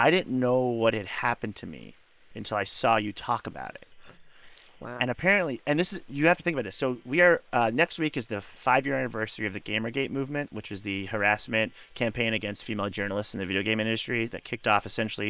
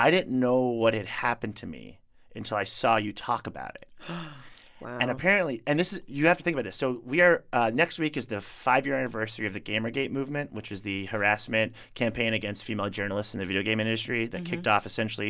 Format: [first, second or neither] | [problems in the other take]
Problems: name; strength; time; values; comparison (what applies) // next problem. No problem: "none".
second | noise reduction (neural separator model SepFormer WHAM!)